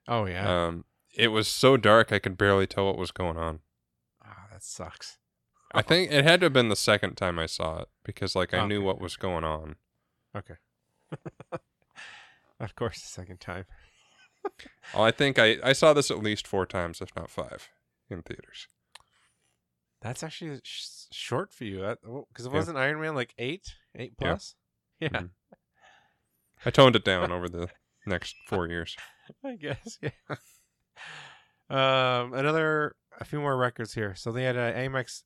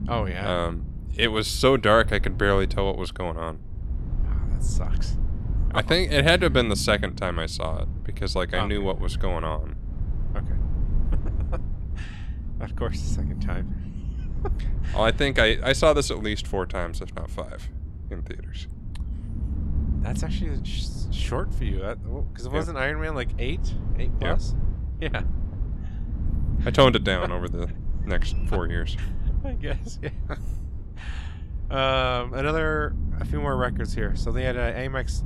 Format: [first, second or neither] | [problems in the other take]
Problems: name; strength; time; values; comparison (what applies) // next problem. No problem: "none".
first | low rumble; faint; throughout; 20 dB below the speech